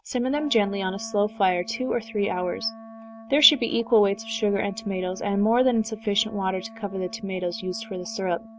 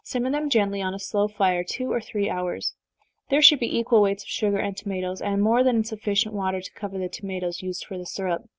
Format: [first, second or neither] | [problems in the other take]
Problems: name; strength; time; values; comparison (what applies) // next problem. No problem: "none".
second | background sound (Wind instrument, woodwind instrument); 18 dB below the speech